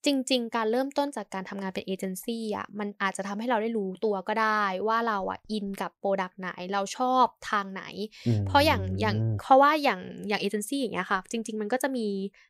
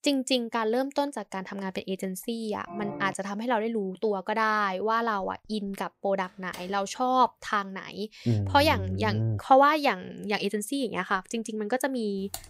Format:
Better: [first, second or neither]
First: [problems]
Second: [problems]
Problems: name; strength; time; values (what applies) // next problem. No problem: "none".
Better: first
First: none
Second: phone ringing; faint; at 2.5 s; peak 10 dB below the speech // door banging; faint; at 6 s; peak 20 dB below the speech // keyboard typing; faint; at 12 s; peak 15 dB below the speech